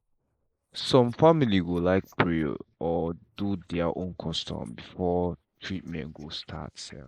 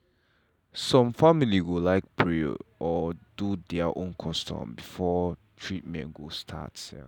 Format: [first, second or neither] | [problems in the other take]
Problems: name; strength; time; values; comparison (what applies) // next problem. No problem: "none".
second | noise reduction (neural mask model Resemble Enhance denoiser)